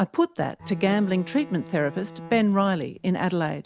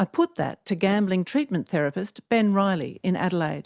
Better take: second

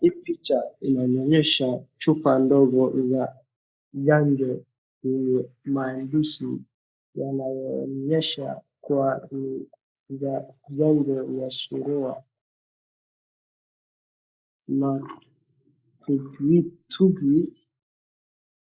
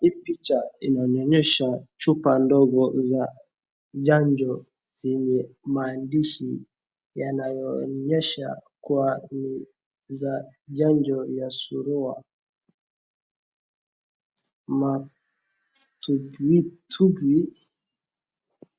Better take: second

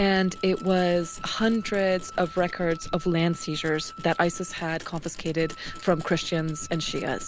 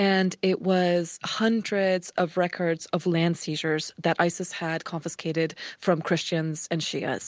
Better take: second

